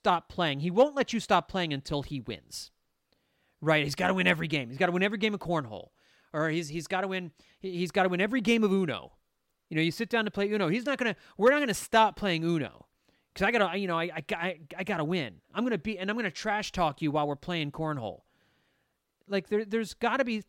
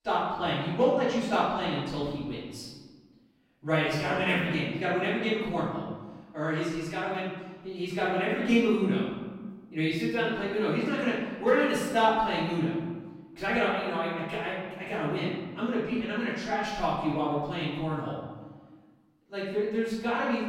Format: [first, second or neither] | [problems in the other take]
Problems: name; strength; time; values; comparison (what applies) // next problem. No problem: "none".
first | off-mic speech; far // room echo; strong; dies away in 1.3 s